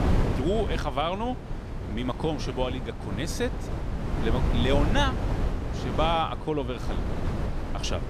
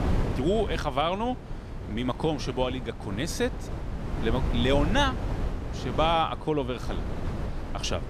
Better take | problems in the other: second | wind noise on the microphone; heavy; 7 dB below the speech; occasional gusts in the second

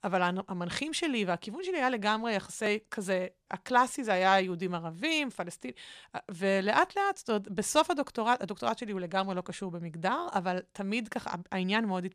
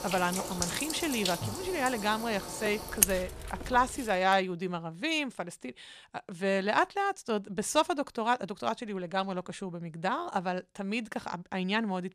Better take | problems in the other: first | household noises; loud; until 4 s; 2 dB below the speech

